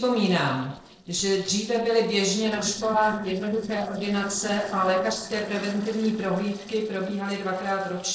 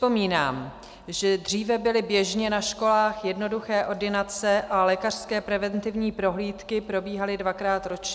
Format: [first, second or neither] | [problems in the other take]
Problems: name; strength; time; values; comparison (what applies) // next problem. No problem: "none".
second | noise reduction (neural separator model SepFormer DNS4)